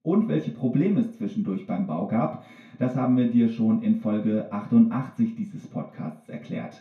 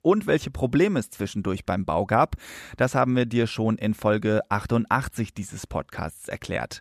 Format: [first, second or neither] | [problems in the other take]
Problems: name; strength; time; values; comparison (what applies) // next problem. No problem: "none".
second | room echo; slight; dies away in 0.4 s // off-mic speech; far